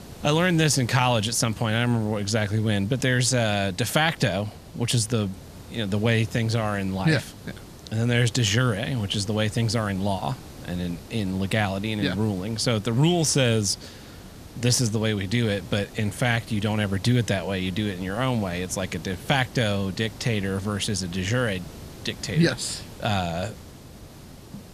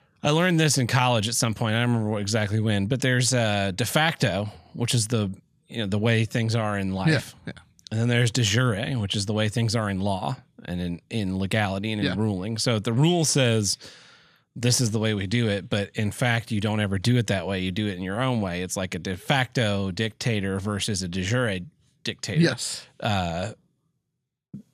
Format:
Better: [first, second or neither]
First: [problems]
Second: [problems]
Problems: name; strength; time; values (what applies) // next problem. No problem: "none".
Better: second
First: hiss; noticeable; throughout; 20 dB below the speech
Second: none